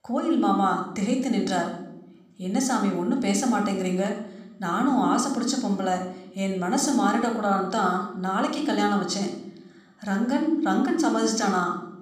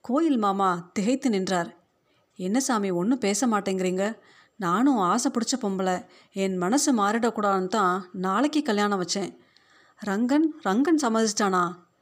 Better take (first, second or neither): second